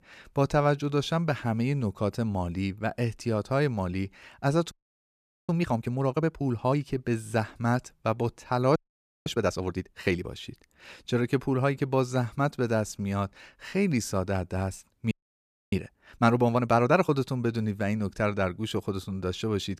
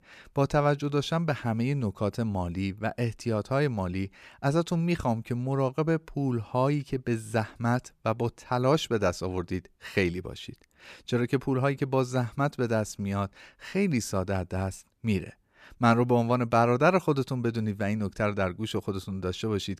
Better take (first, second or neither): second